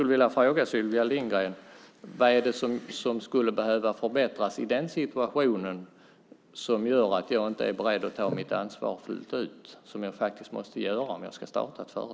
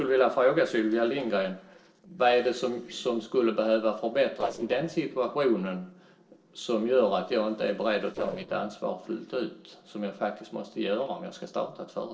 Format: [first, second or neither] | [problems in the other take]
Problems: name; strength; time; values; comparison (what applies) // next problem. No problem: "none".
first | noise reduction (neural separator model SepFormer DNS4)